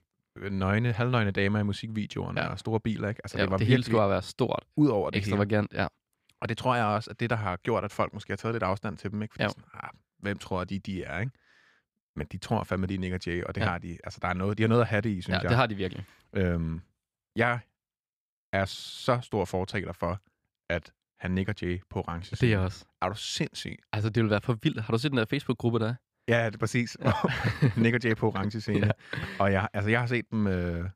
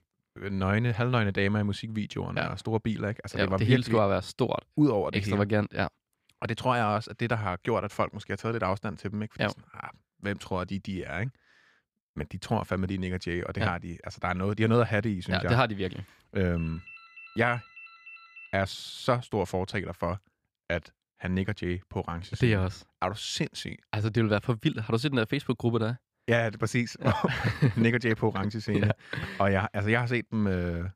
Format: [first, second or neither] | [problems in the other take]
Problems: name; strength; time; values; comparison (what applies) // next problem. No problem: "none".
first | phone ringing; faint; from 16 to 19 s; peak 15 dB below the speech